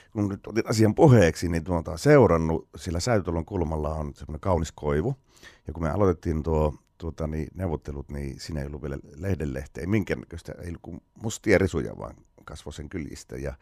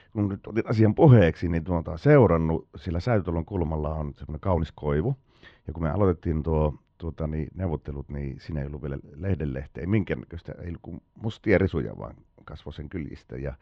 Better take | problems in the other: first | muffled; slightly; fading above 3.5 kHz

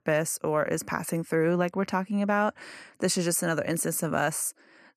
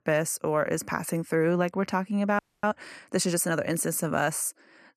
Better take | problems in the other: first | audio freezing; at 2.5 s

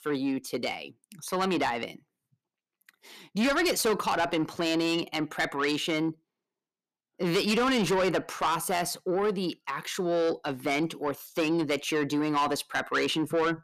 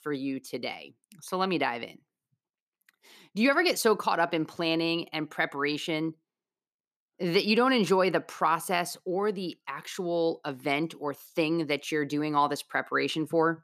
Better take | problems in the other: second | distortion; heavy; 8 dB below the speech

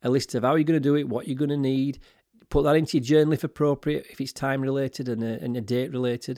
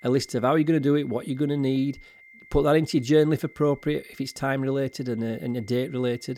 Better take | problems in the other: first | high-pitched whine; faint; throughout; 2 kHz, 25 dB below the speech

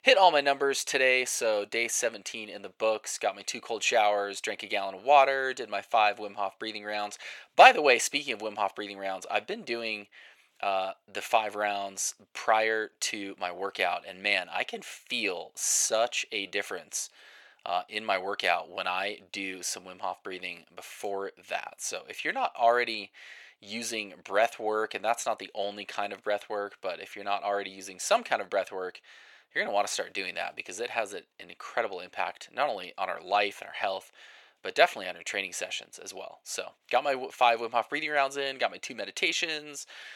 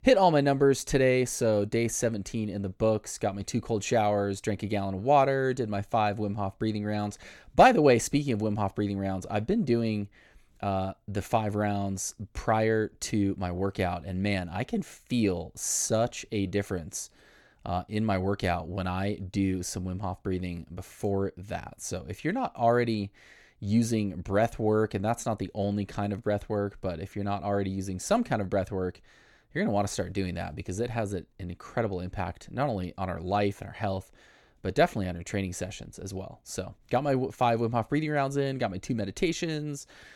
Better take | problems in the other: second | thin; very; fading below 700 Hz

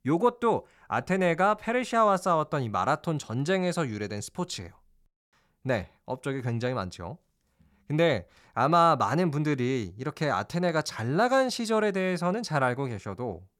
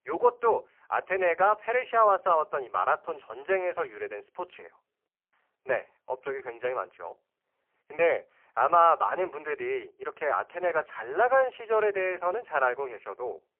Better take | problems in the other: first | phone-call audio; poor line; nothing above 3 kHz

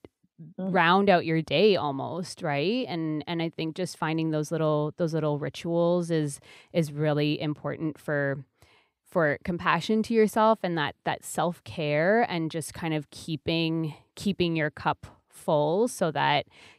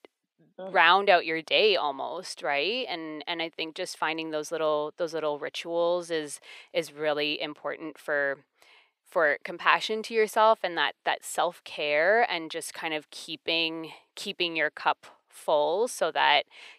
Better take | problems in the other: first | thin; very; fading below 550 Hz

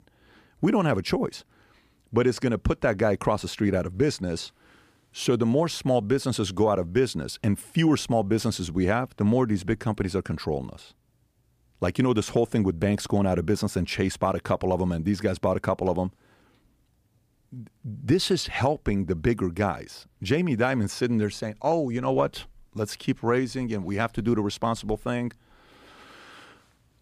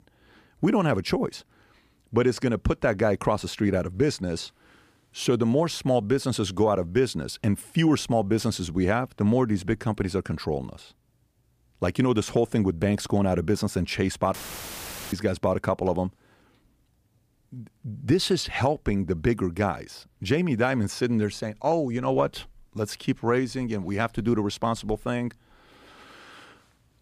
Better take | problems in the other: first | audio cutting out; filled with static; at 14 s for 1 s

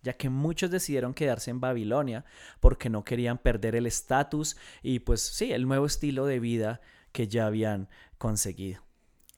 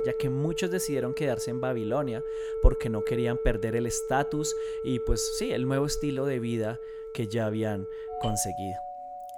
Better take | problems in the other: first | alarms or sirens; loud; throughout; 4 dB below the speech

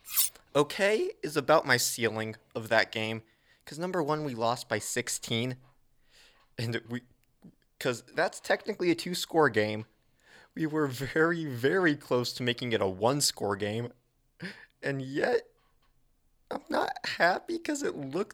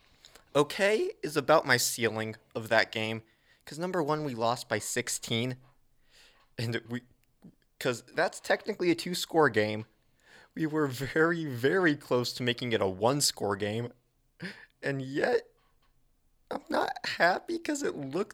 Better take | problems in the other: second | clattering dishes; loud; at the start; peak 3 dB above the speech

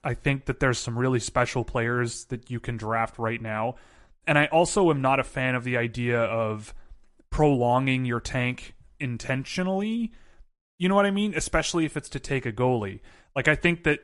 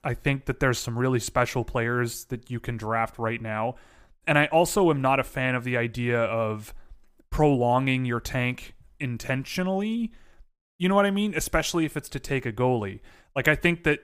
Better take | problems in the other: second | garbled, watery; slightly; nothing above 11 kHz

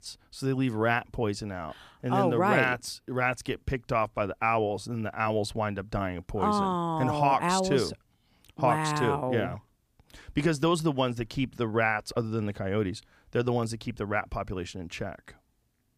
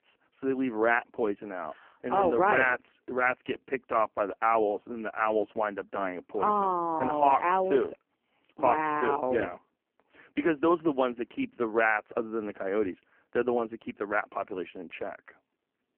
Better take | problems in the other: first | phone-call audio; poor line

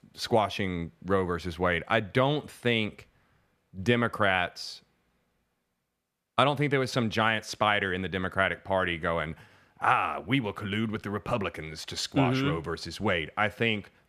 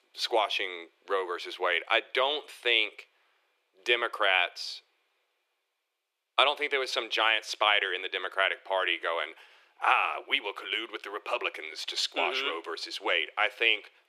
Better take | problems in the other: first | thin; very; fading below 350 Hz

